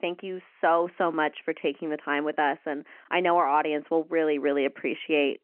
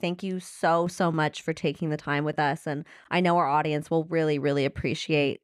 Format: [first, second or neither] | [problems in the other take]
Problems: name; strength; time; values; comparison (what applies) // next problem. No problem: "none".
second | phone-call audio